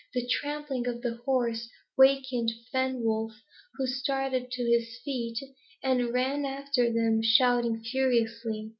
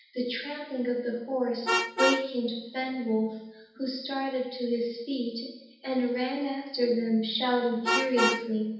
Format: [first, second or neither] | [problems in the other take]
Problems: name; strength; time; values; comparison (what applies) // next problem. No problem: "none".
first | background sound (Vehicle horn, car horn, honking); 6 dB below the speech // room echo; dies away in 0.8 s